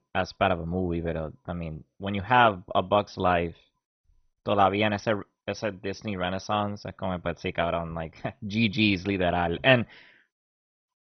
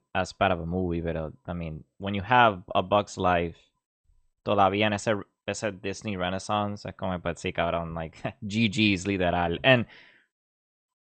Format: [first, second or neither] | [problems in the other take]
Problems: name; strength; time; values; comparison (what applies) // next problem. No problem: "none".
second | garbled, watery; badly; nothing above 6 kHz; slightly in the second